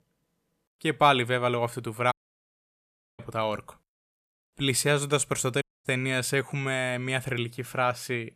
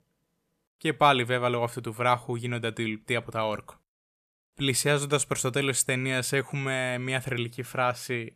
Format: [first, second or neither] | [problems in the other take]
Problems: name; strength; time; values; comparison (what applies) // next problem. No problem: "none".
second | audio cutting out; at 2 s for 1 s and at 5.5 s